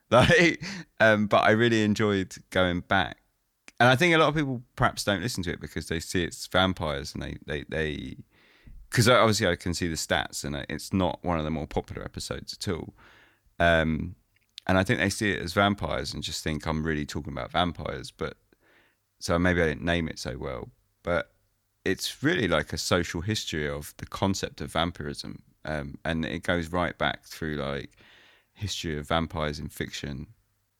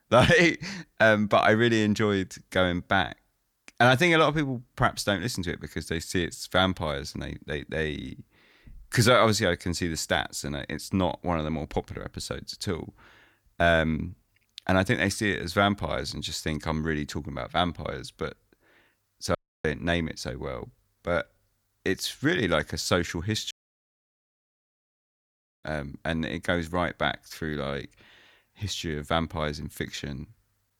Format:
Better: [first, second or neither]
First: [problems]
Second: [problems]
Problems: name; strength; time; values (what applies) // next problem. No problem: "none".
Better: first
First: none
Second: audio cutting out; at 19 s and at 24 s for 2 s